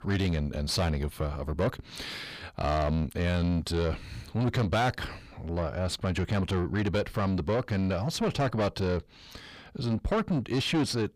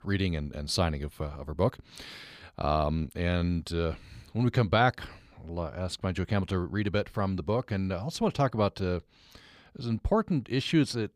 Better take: second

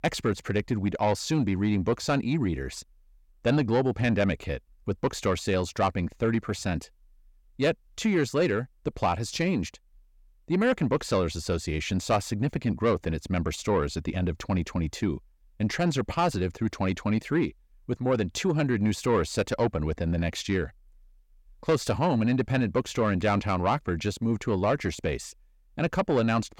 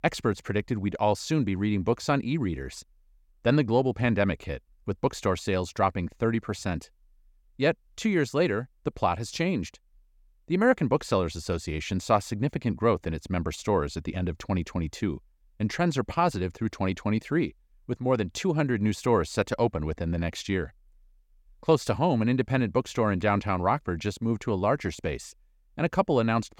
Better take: second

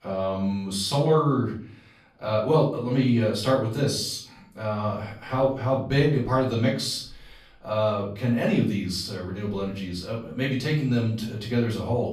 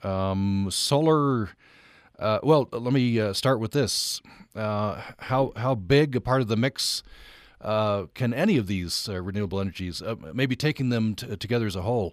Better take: second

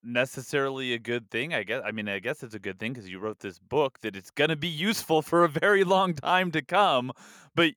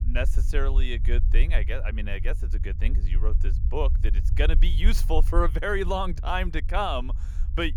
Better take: first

